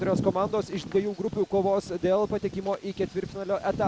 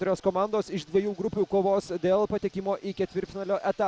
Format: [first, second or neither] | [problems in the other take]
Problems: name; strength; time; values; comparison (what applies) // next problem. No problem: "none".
second | background sound (Bird vocalization, bird call, bird song); 10 dB below the speech